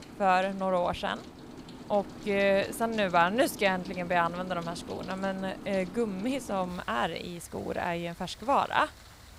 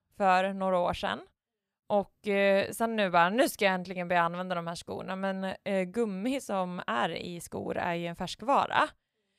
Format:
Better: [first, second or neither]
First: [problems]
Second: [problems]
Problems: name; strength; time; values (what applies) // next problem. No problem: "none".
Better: second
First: rain or running water; noticeable; throughout; 15 dB below the speech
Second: none